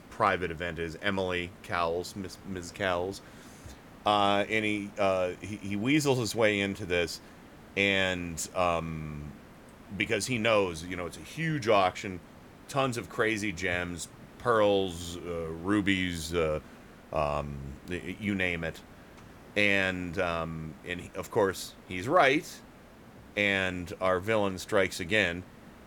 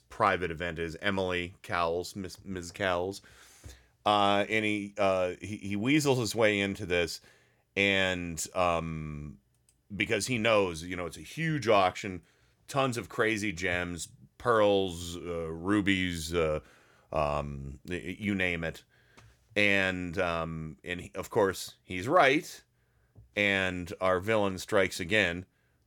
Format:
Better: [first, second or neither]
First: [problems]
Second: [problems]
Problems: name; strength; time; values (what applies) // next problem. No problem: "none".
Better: second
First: hiss; faint; throughout; 20 dB below the speech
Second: none